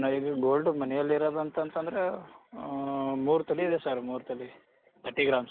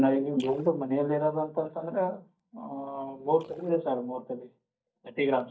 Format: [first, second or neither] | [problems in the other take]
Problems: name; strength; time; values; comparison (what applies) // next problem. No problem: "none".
first | noise reduction (neural mask model DeepFilterNet 3)